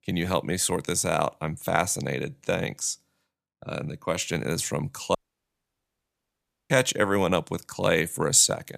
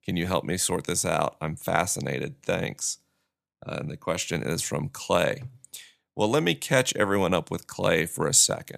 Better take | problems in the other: second | audio cutting out; at 5 s for 1.5 s

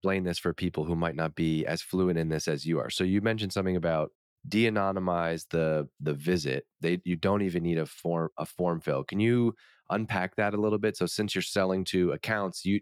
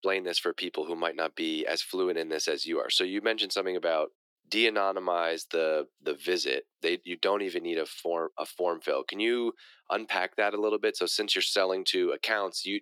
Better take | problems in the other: first | thin; very; fading below 300 Hz

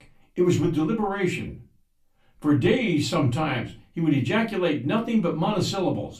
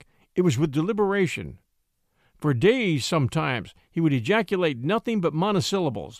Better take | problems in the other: second | off-mic speech; far // room echo; very slight; dies away in 0.3 s

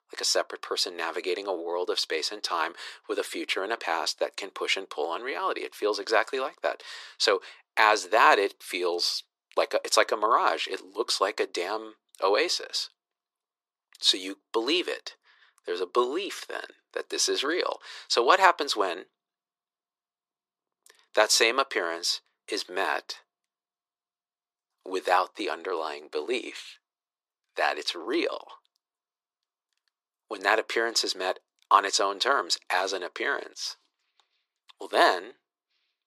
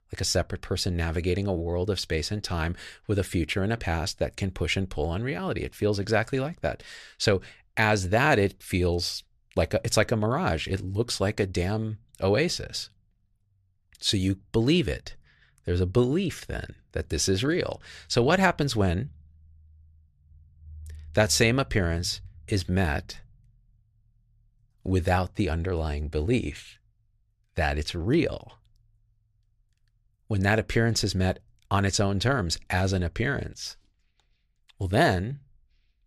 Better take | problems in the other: second | thin; very; fading below 350 Hz

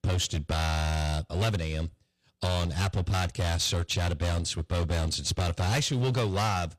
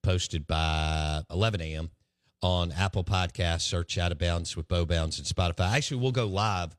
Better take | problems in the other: second | distortion; heavy; 17% of the sound clipped

